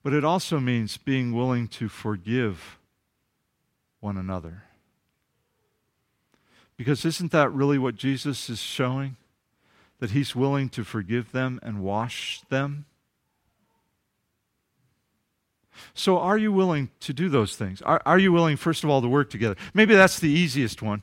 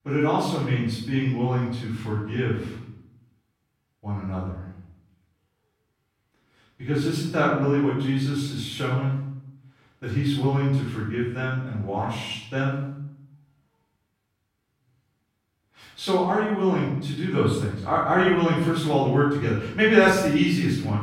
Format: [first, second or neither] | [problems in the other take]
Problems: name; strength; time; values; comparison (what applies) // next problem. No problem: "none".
first | off-mic speech; far // room echo; noticeable; dies away in 0.8 s